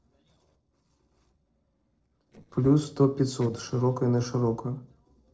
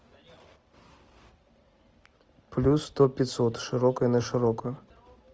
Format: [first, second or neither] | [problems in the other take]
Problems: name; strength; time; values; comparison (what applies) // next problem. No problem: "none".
second | noise reduction (neural separator model SepFormer DNS4)